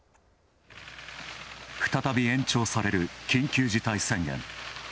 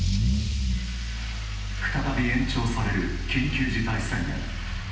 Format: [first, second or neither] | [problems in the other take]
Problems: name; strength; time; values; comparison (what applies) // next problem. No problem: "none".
first | background sound (Engine starting / Accelerating, revving, vroom / Car); 1 dB above the speech // room echo; dies away in 0.9 s